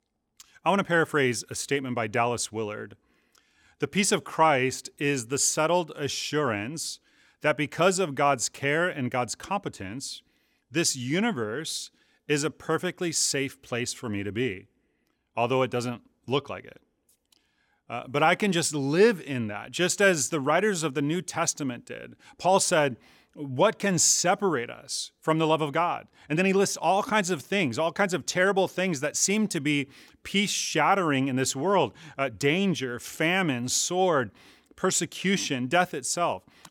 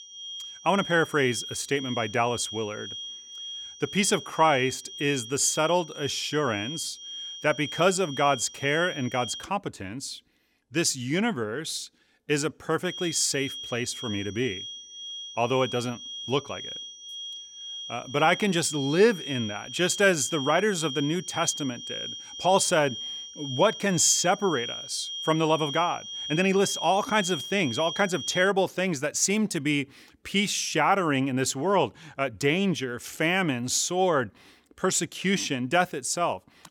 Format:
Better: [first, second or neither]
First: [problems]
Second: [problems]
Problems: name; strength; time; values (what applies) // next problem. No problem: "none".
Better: first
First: none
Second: high-pitched whine; loud; until 9.5 s and from 13 to 28 s; 3 kHz, 10 dB below the speech